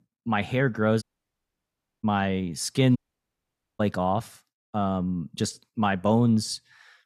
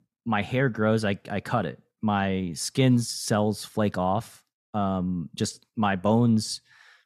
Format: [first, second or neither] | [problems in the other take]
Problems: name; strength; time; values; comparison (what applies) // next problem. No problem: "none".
second | audio cutting out; at 1 s for 1 s and at 3 s for 1 s